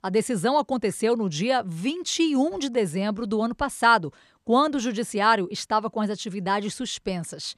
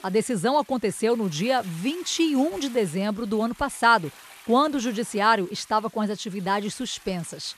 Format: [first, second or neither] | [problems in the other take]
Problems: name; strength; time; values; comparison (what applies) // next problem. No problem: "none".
first | household noises; faint; throughout; 20 dB below the speech